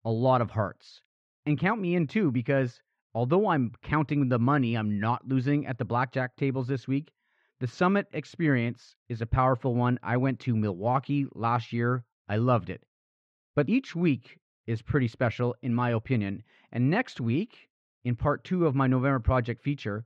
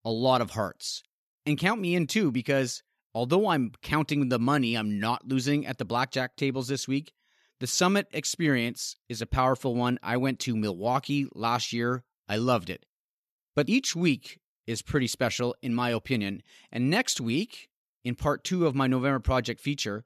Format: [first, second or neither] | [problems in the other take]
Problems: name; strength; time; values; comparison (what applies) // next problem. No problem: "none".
second | muffled; very; fading above 1.5 kHz